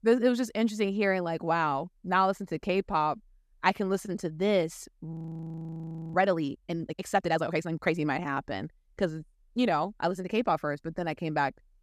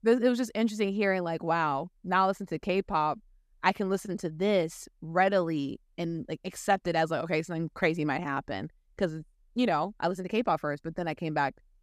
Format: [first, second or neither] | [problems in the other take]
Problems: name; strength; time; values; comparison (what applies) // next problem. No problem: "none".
second | audio freezing; at 5 s for 1 s